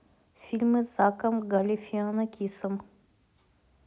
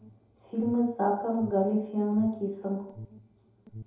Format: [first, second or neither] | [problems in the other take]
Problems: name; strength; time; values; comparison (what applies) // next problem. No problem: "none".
first | background sound (Alarm); 19 dB below the speech // room echo; dies away in 2.8 s